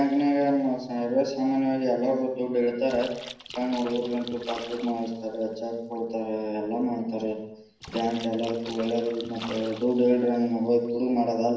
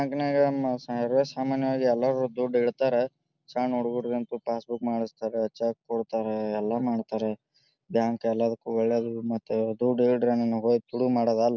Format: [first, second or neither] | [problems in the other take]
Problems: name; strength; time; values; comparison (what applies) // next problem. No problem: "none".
second | background sound (Splash, splatter); 19 dB below the speech // room echo; dies away in 0.8 s